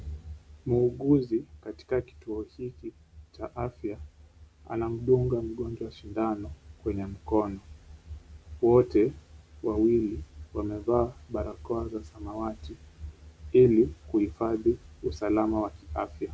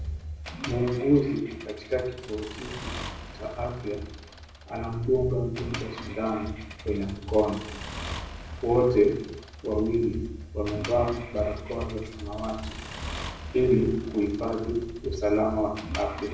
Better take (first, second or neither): first